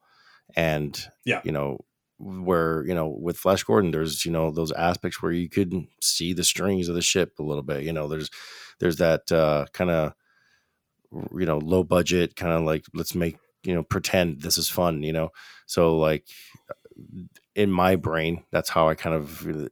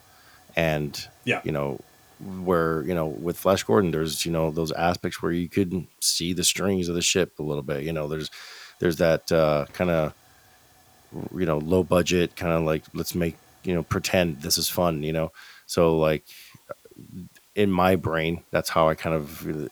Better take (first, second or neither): first